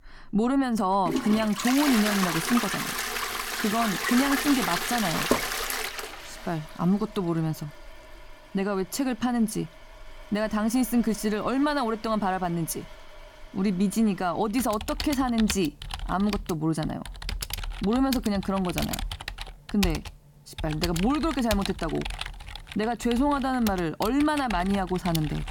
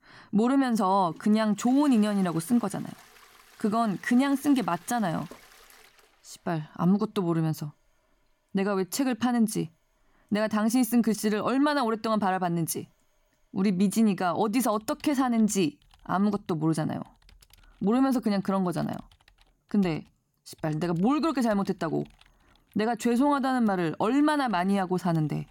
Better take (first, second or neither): second